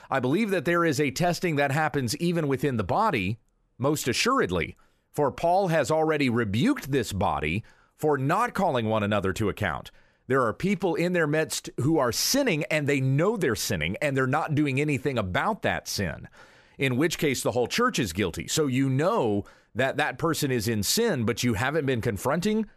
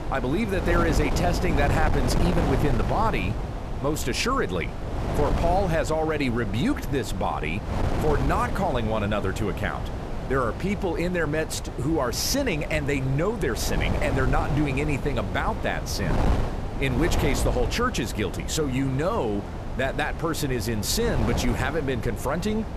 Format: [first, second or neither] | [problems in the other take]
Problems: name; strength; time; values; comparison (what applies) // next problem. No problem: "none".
first | wind noise on the microphone; heavy; 7 dB below the speech